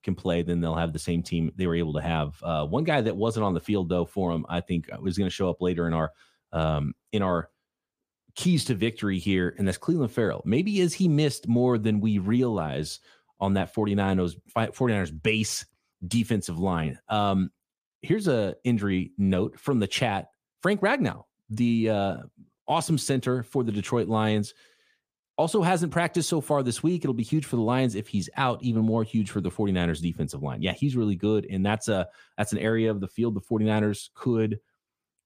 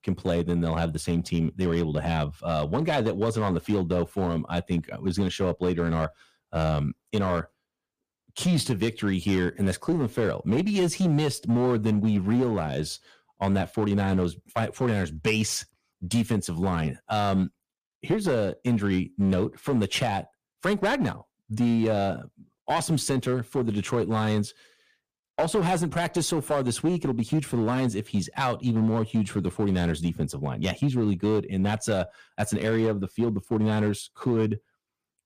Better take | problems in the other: first | distortion; slight; 6% of the sound clipped

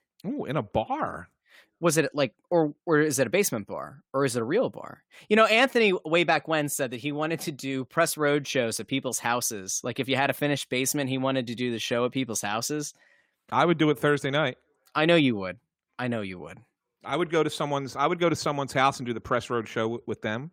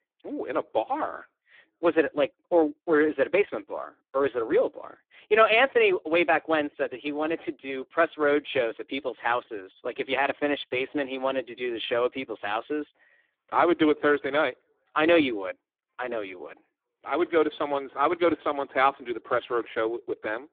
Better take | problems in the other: first | phone-call audio; poor line; nothing above 3.5 kHz

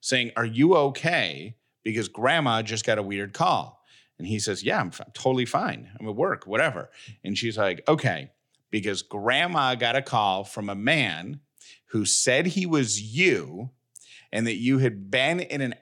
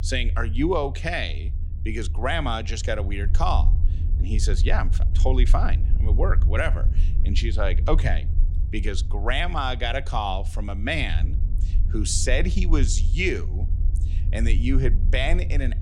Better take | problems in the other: first | low rumble; noticeable; throughout; 15 dB below the speech

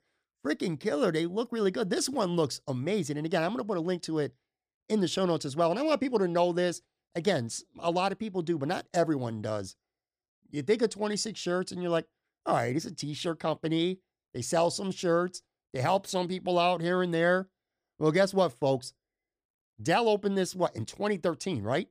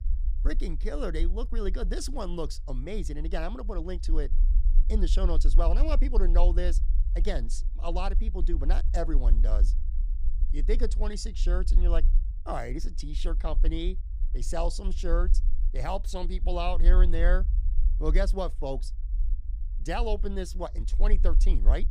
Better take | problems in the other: first | low rumble; noticeable; throughout; 20 dB below the speech

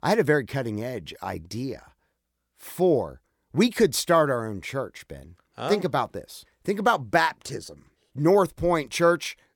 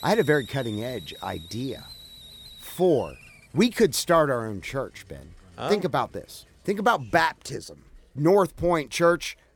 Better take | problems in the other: first | hiss; faint; throughout; 20 dB below the speech

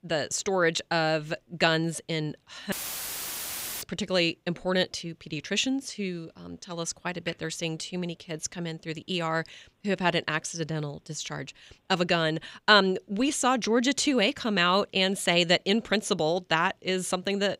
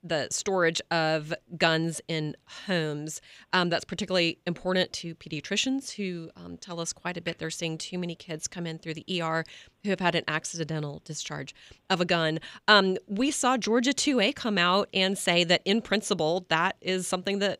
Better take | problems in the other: second | audio cutting out; filled with static; at 2.5 s for 1 s

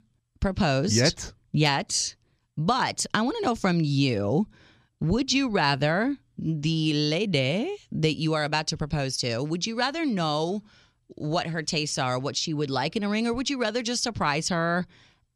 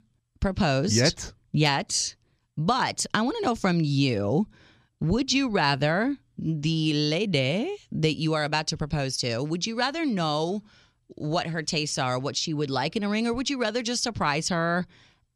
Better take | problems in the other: neither | none

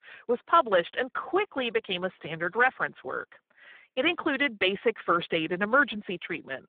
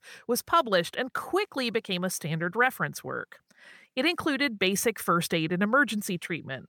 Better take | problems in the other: second | phone-call audio; poor line

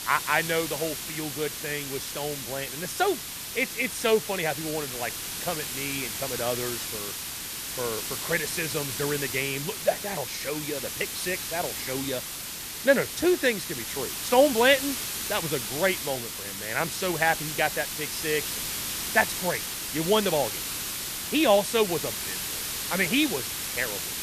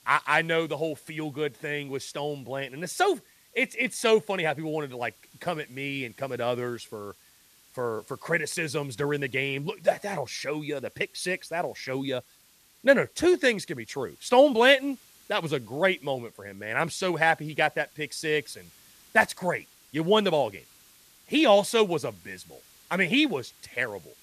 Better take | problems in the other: second | hiss; loud; throughout; 3 dB below the speech; faint in the second

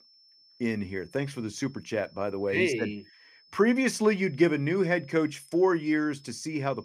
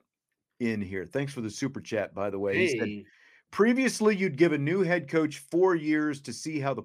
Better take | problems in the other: second | high-pitched whine; faint; throughout; 5.5 kHz, 30 dB below the speech

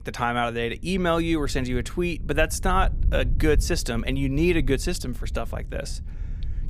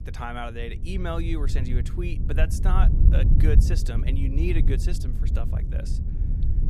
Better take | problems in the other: first | low rumble; loud; throughout; 6 dB below the speech; faint in the first

